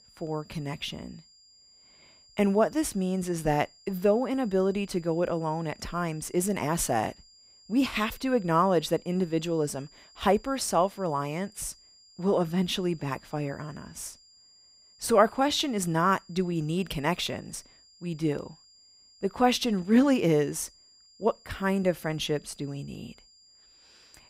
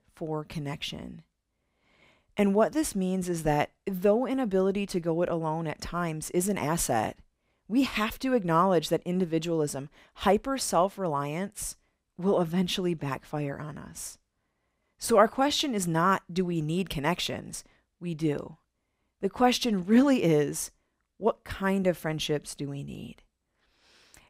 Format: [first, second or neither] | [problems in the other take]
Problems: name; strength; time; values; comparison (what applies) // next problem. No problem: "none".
second | high-pitched whine; faint; throughout; 5 kHz, 25 dB below the speech